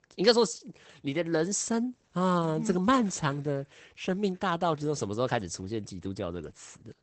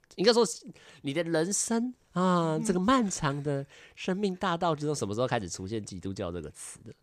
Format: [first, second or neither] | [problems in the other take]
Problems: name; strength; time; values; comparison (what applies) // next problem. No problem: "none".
second | garbled, watery; badly; nothing above 8 kHz